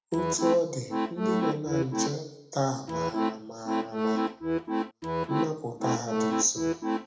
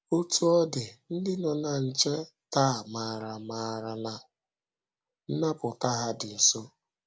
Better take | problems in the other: second | background sound (Accordion); 3 dB above the speech // room echo; dies away in 0.7 s

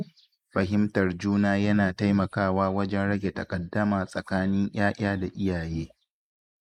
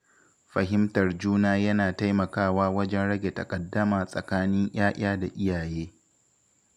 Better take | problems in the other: second | noise reduction (neural mask model Resemble Enhance denoiser)

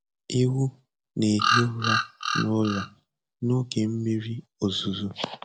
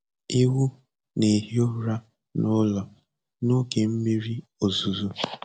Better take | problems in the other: second | background sound (Bird vocalization, bird call, bird song); as loud as the speech

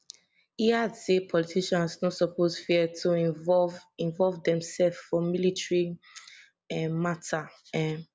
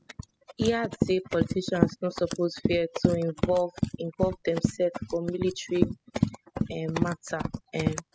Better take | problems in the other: first | noise reduction (classical method spectral subtraction)

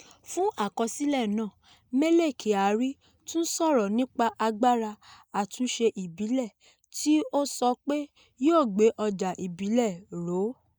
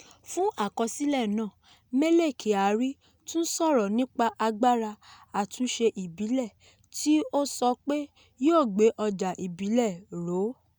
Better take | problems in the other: second | noise reduction (neural mask model Resemble Enhance denoiser)

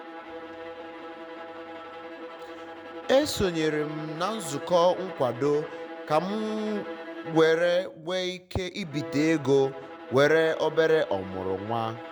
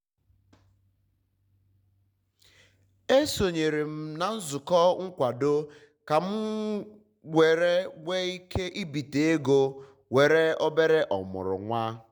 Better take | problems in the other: second | background sound (Bowed string instrument); 13 dB below the speech

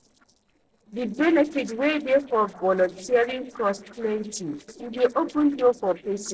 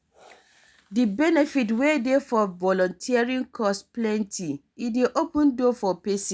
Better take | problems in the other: second | noise reduction (neural separator model SepFormer DNS4)

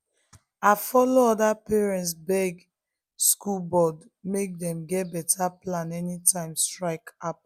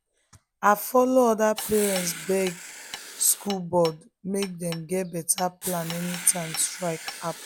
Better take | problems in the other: first | background sound (Writing + Hammer); 12 dB below the speech

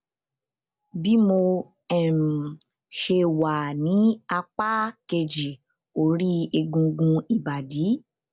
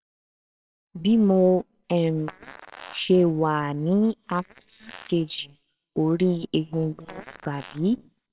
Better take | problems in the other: first | noise reduction (neural separator model SepFormer WHAMR!)

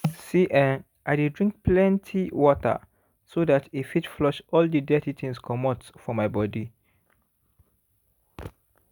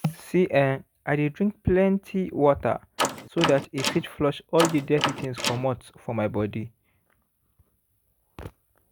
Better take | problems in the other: first | background sound (Door); 4 dB below the speech

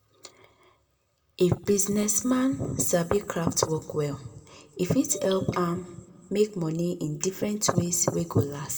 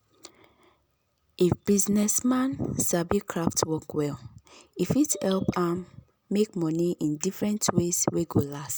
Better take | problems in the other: second | room echo; dies away in 1.1 s

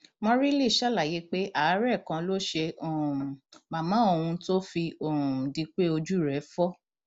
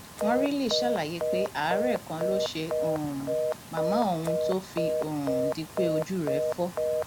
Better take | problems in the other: first | background sound (Telephone); 1 dB above the speech

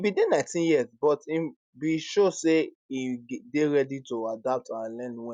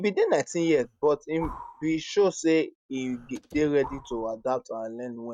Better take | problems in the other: first | noise reduction (neural mask model RNNoise)

